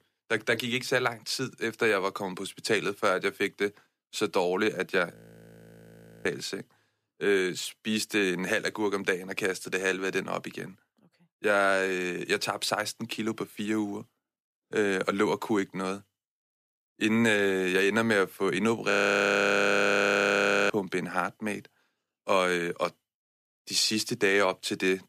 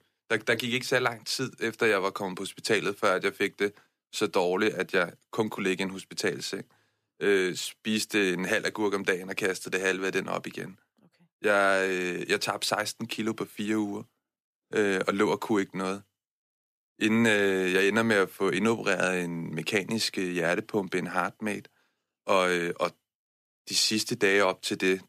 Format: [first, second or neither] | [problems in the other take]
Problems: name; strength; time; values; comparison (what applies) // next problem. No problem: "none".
second | audio freezing; at 5 s for 1 s and at 19 s for 2 s